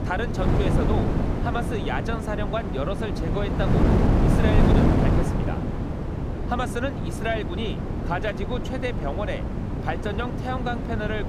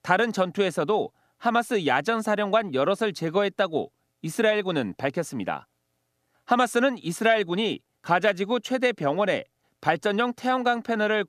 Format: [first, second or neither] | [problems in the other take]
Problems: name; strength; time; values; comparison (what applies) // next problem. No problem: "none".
second | wind noise on the microphone; heavy; 1 dB below the speech